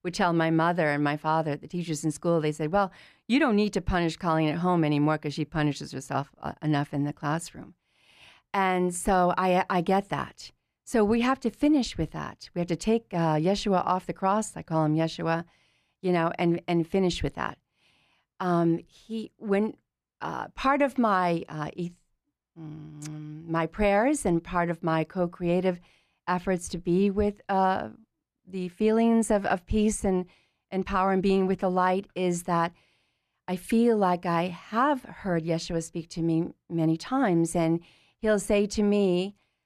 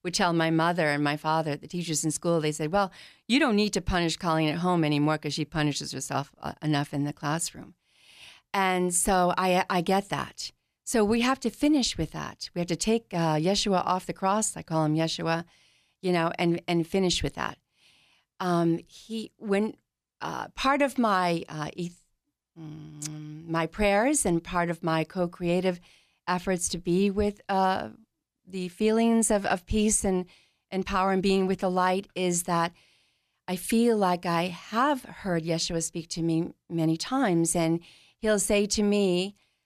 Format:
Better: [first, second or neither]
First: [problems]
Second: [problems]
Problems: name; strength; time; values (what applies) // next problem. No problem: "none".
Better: second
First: muffled; slightly; fading above 3 kHz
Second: none